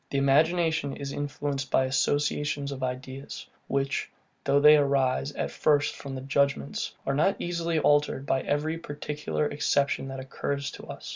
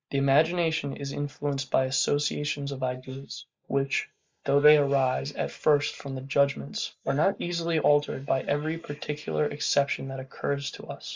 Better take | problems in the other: first | noise reduction (neural mask model Resemble Enhance denoiser)

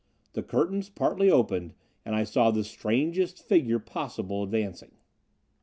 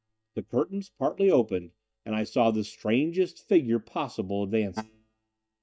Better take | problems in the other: first | noise reduction (neural mask model DeepFilterNet 3)

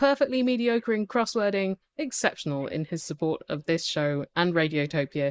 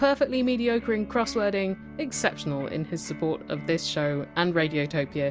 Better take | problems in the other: second | noise reduction (neural mask model Resemble Enhance denoiser)

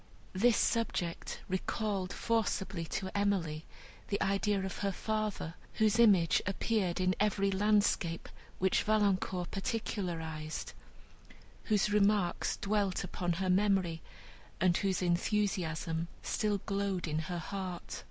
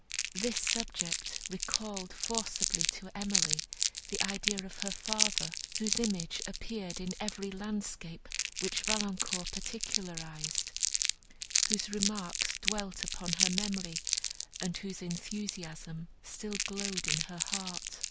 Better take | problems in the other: first | background sound (Crumpling, crinkling); 4 dB above the speech

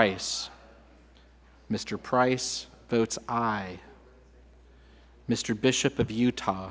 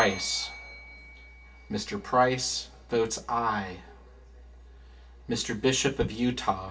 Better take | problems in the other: first | background sound (Bell); 19 dB below the speech // room echo; dies away in 0.2 s

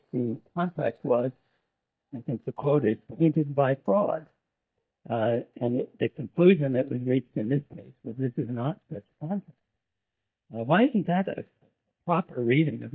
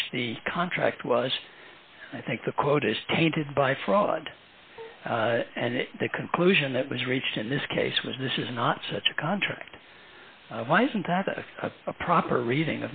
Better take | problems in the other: second | noise reduction (neural mask model DeepFilterNet 3)

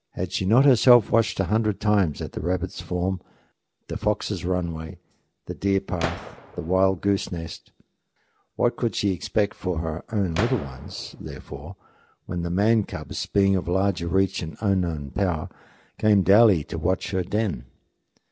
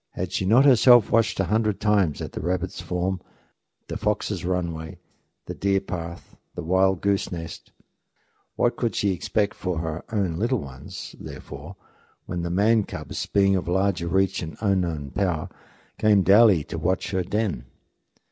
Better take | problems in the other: second | background sound (Gunshot, gunfire); 11 dB below the speech

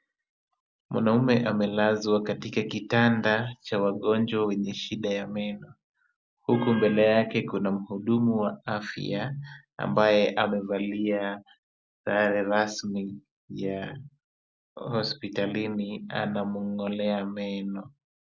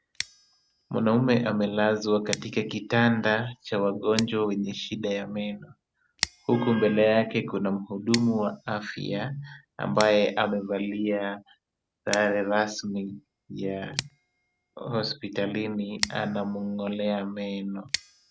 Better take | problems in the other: first | background sound (Scissors); 14 dB below the speech

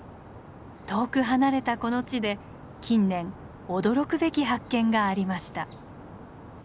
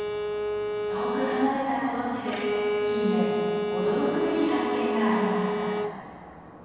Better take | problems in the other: first | background sound (Bowed string instrument); as loud as the speech // room echo; dies away in 2.2 s

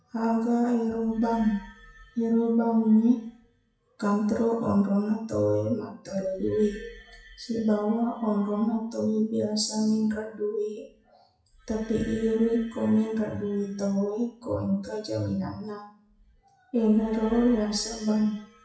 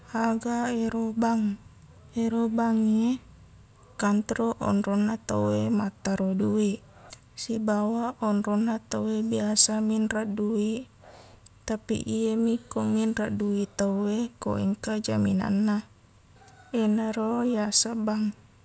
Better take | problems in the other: second | noise reduction (classical method WPE with log-MMSE)

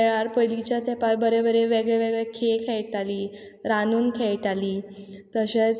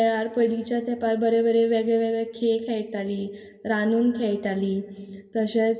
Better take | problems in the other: first | room echo; dies away in 0.2 s

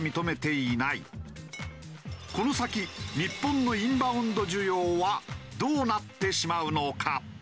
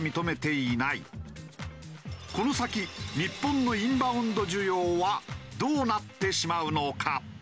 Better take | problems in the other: second | background sound (Glass); 18 dB below the speech

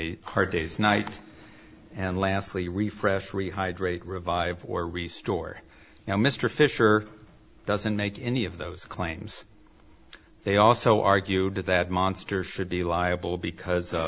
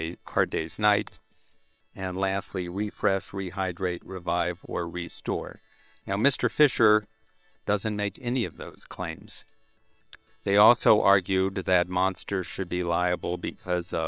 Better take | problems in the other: first | noise reduction (neural separator model SepFormer WHAM!)

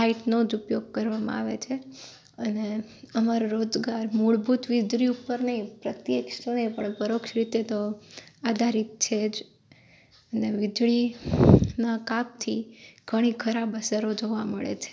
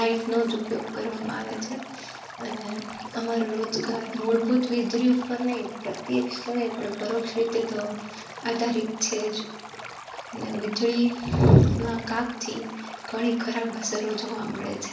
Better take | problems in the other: first | background sound (Stream); 14 dB below the speech // room echo; dies away in 0.7 s

